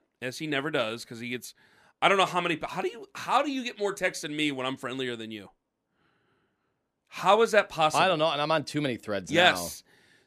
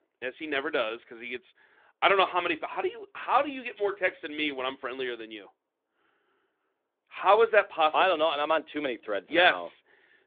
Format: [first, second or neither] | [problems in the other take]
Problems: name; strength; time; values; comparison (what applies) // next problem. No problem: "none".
first | phone-call audio; nothing above 3.5 kHz